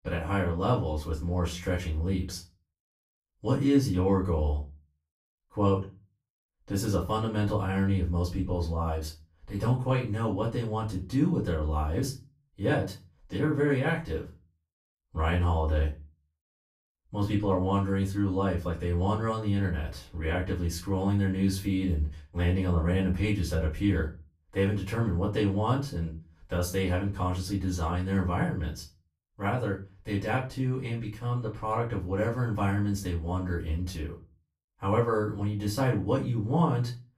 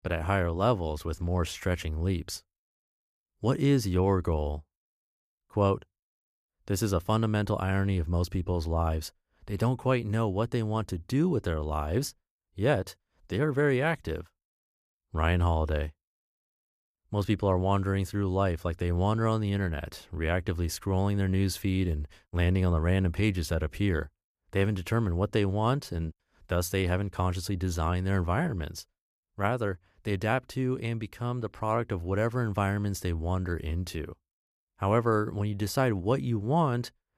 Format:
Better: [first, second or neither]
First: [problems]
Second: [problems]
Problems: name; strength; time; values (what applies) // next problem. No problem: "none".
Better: second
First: off-mic speech; far // room echo; slight; dies away in 0.3 s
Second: none